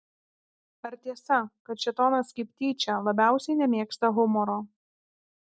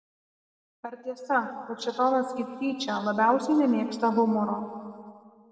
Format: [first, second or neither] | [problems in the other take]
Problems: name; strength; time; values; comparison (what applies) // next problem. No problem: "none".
first | room echo; dies away in 1.9 s